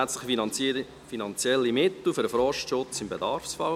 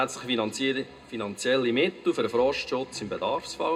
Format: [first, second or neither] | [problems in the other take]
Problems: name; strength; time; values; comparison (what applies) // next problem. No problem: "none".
first | room echo; dies away in 0.2 s